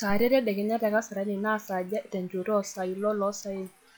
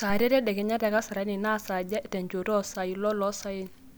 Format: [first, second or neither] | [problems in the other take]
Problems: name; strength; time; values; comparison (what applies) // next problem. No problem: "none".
second | noise reduction (classical method log-MMSE)